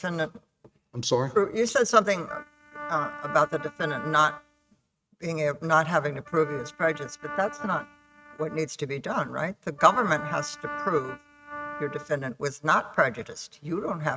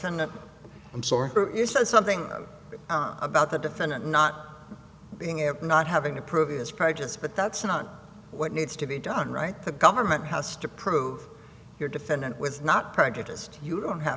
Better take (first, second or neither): second